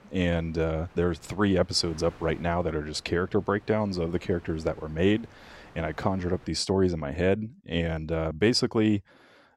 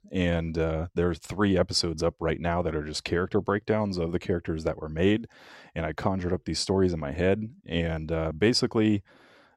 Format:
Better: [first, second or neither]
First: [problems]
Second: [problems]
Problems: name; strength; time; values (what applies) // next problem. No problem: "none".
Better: second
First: wind noise on the microphone; occasional gusts; until 6.5 s; 25 dB below the speech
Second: none